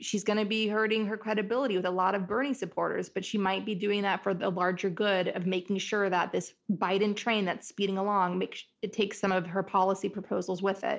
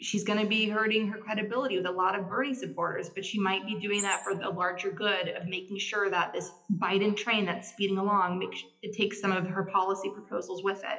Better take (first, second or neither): first